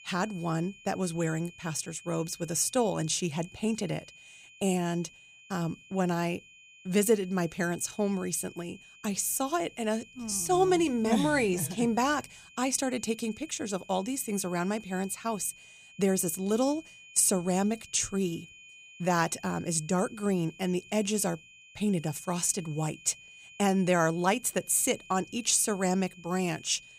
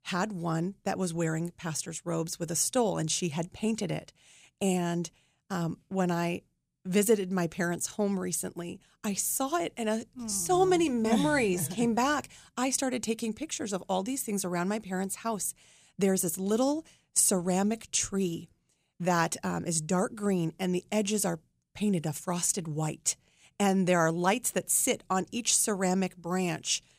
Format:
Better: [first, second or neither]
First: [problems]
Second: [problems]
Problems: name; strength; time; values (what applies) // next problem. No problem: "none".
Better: second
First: high-pitched whine; faint; throughout; 2.5 kHz, 20 dB below the speech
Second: none